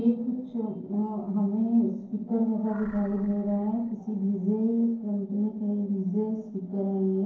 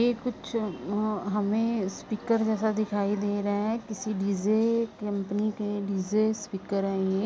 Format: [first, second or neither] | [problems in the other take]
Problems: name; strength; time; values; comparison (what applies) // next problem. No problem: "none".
second | noise reduction (neural separator model SepFormer DNS4)